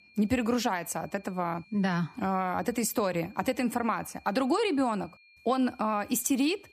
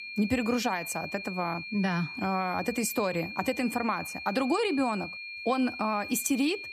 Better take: first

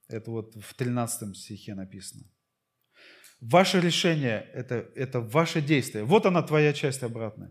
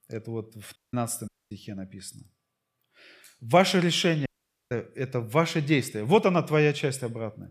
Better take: first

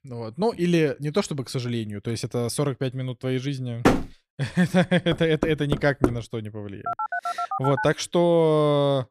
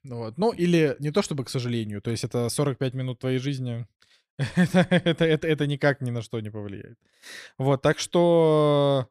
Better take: second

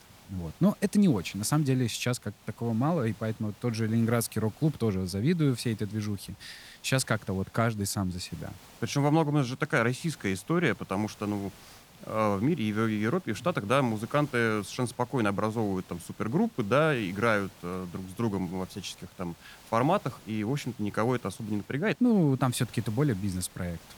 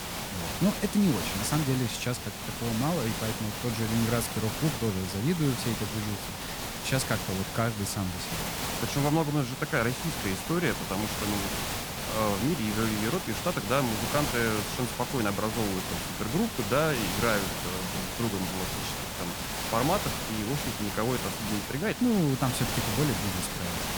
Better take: first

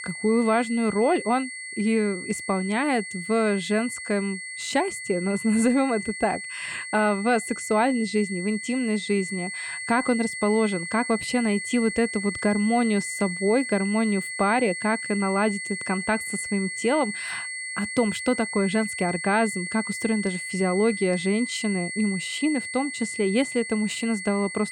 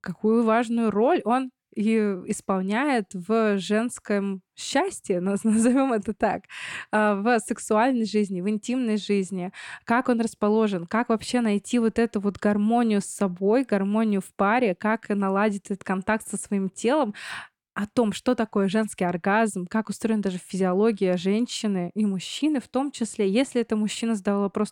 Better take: second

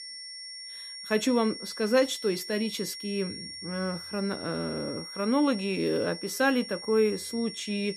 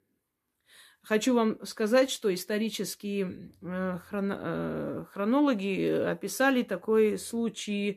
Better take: second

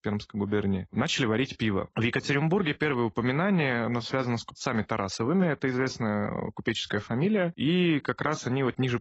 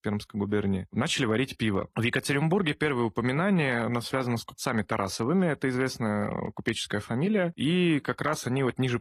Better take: second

